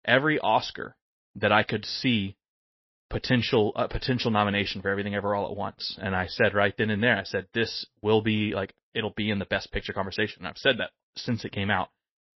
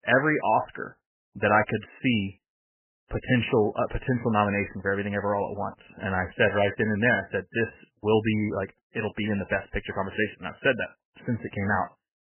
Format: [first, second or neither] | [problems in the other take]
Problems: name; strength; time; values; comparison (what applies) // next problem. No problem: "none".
first | garbled, watery; badly; nothing above 3 kHz; slightly in the first